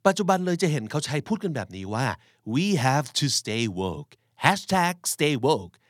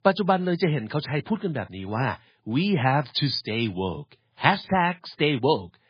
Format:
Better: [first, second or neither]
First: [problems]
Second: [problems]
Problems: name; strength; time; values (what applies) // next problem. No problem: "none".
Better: first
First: none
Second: garbled, watery; badly